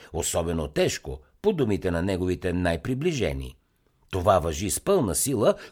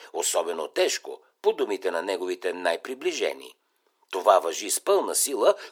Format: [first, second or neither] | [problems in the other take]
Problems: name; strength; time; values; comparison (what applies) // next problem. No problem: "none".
first | thin; very; fading below 350 Hz